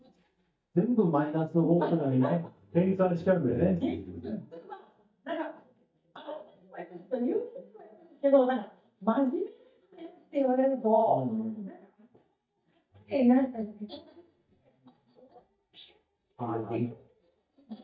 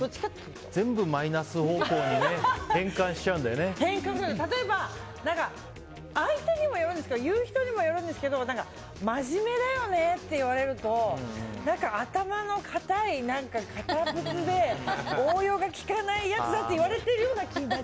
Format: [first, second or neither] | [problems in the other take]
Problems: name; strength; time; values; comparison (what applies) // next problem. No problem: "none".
second | noise reduction (neural mask model DeepFilterNet 3)